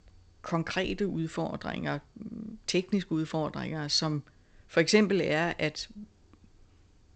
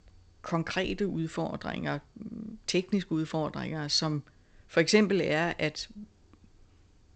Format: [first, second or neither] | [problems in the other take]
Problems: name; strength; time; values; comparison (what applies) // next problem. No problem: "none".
neither | garbled, watery; slightly; nothing above 8 kHz; the same in both